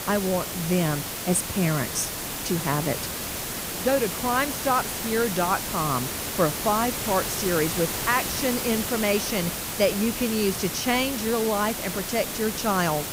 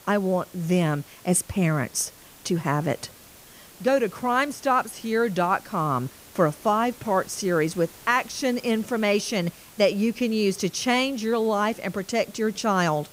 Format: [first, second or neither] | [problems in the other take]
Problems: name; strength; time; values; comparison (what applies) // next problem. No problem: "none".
second | hiss; loud; throughout; 3 dB below the speech; faint in the second